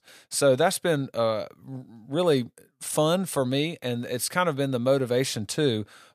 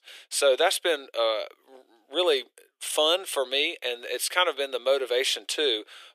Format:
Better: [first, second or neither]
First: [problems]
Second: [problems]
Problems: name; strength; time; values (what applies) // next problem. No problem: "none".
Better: first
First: none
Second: thin; very; fading below 350 Hz